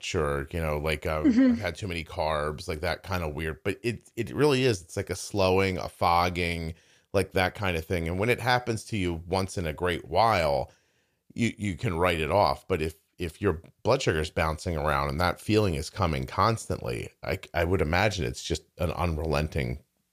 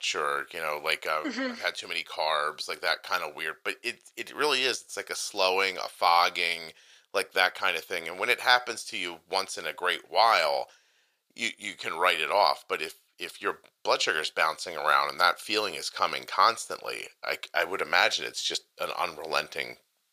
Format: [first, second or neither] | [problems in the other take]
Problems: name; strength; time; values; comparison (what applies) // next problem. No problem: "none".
first | thin; very; fading below 650 Hz